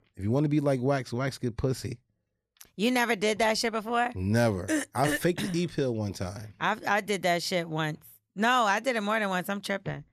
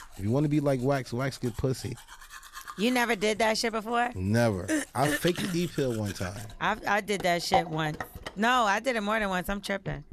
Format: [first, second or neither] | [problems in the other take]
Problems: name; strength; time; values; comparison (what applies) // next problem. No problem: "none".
first | household noises; noticeable; throughout; 10 dB below the speech